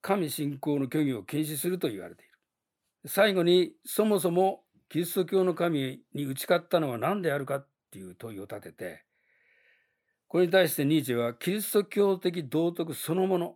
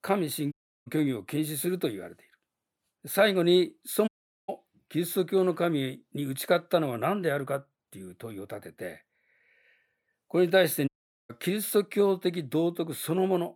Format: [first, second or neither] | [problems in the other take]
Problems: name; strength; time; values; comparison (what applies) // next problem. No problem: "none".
first | audio cutting out; at 0.5 s, at 4 s and at 11 s